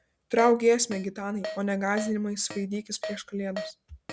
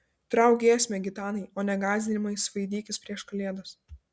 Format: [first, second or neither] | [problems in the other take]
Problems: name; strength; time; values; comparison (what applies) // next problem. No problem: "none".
second | background sound (Keyboard (musical)); 13 dB below the speech